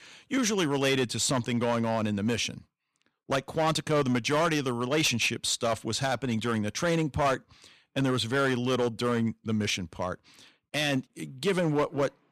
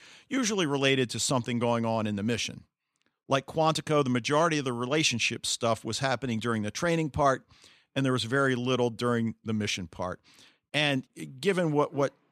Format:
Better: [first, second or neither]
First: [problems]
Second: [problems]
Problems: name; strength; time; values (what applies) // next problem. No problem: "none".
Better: second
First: distortion; slight; 6% of the sound clipped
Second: none